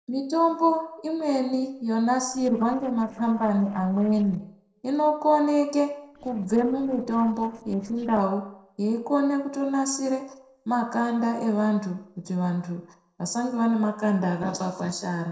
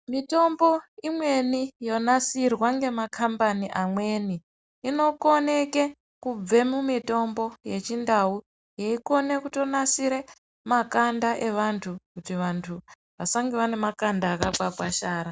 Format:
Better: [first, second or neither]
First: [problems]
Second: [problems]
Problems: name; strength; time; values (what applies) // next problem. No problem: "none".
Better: second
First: noise reduction (neural separator model SepFormer DNS4)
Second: none